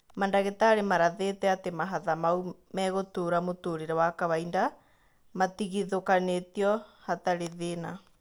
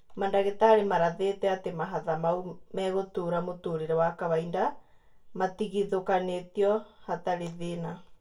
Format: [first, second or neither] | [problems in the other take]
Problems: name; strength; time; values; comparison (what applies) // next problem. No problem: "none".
first | room echo; dies away in 0.2 s